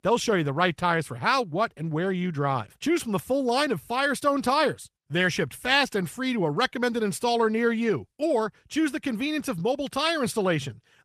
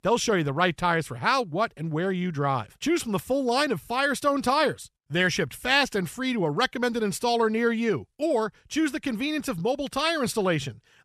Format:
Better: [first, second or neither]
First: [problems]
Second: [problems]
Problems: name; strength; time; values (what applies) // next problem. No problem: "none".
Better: second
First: garbled, watery; slightly; nothing above 14 kHz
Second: none